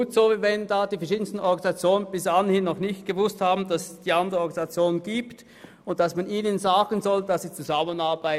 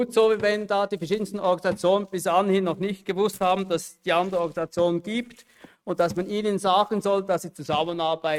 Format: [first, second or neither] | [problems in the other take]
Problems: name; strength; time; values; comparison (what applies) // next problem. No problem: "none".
first | noise reduction (neural mask model RNNoise)